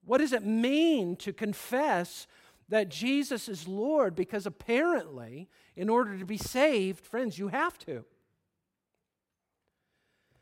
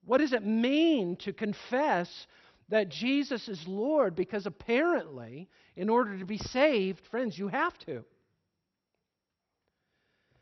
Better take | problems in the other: first | garbled, watery; slightly; nothing above 6 kHz

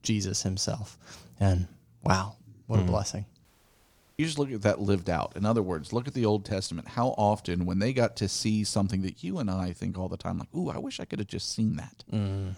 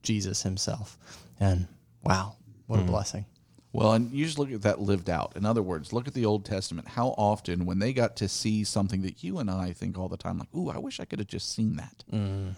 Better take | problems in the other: second | audio cutting out; at 3.5 s for 0.5 s

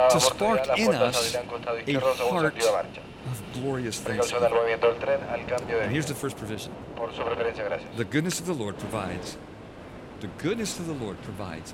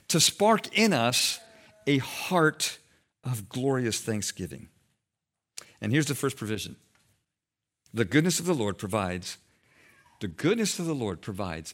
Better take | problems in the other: second | train or aircraft noise; very loud; throughout; 2 dB above the speech

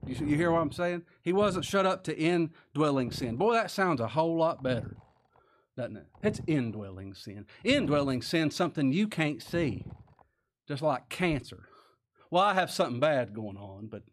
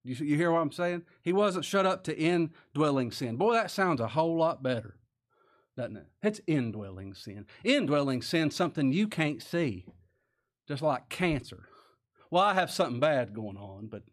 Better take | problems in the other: second | low rumble; faint; until 11 s; 25 dB below the speech

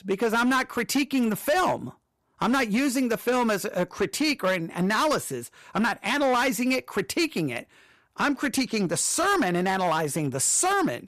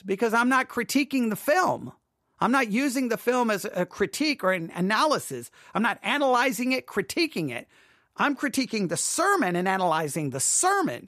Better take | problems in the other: second | distortion; slight; 11% of the sound clipped

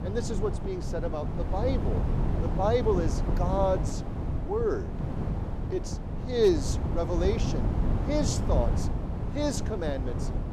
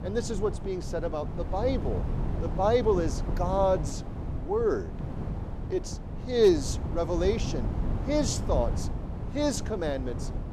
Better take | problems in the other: second | wind noise on the microphone; heavy; 8 dB below the speech; occasional gusts in the second

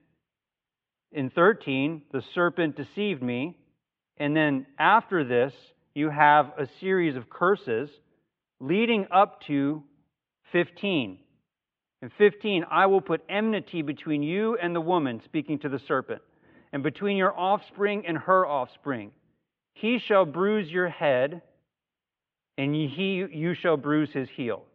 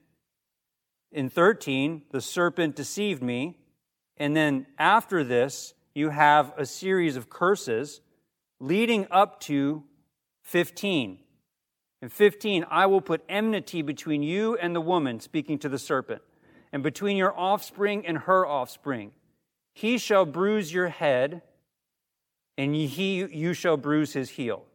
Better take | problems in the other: second | muffled; very; fading above 3 kHz

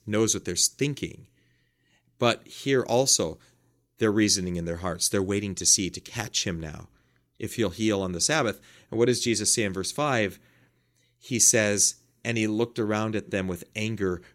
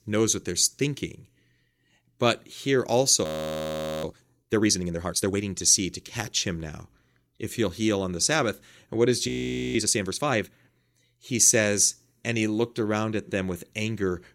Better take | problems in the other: first | audio freezing; at 3 s for 1 s and at 9.5 s

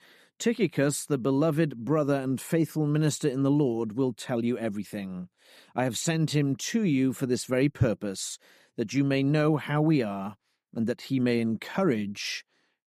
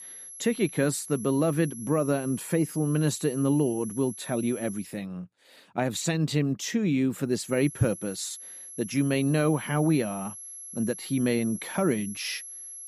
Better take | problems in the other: first | high-pitched whine; noticeable; until 5 s and from 7.5 s on; 11 kHz, 10 dB below the speech

